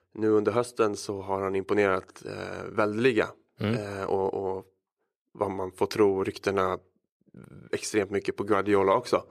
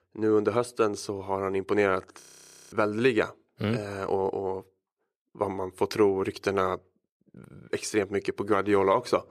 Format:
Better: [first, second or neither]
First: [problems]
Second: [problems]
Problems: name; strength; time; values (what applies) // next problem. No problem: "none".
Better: first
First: none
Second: audio freezing; at 2 s for 0.5 s